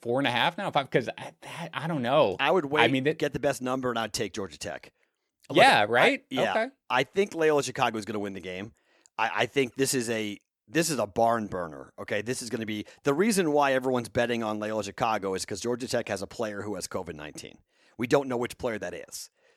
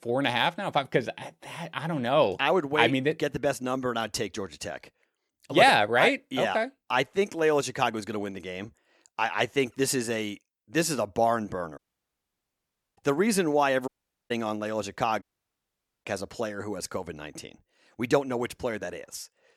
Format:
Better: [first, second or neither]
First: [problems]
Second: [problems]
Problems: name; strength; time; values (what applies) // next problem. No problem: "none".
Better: first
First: none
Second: audio cutting out; at 12 s for 1 s, at 14 s and at 15 s for 1 s